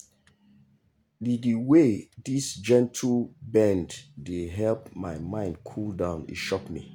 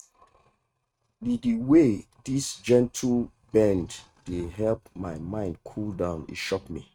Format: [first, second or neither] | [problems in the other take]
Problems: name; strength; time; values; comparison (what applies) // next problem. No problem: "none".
first | noise reduction (neural mask model RNNoise)